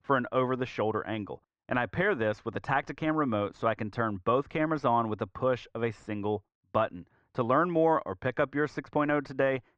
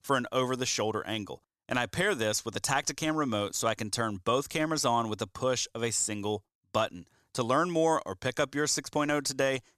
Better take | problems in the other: second | muffled; very; fading above 2 kHz

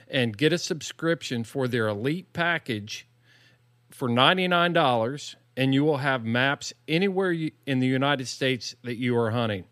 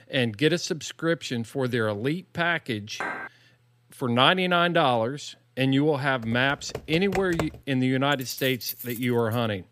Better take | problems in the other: first | clattering dishes; noticeable; at 3 s; peak 7 dB below the speech // keyboard typing; noticeable; from 6 to 7.5 s; peak 7 dB below the speech // jangling keys; noticeable; from 8 s on; peak 9 dB below the speech

